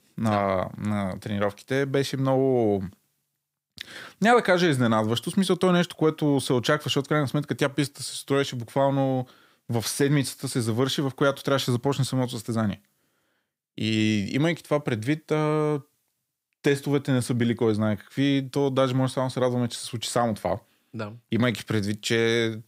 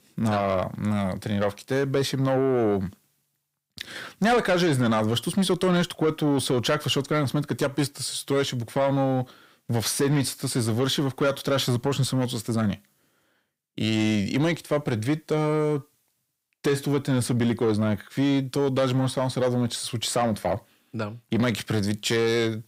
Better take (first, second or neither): first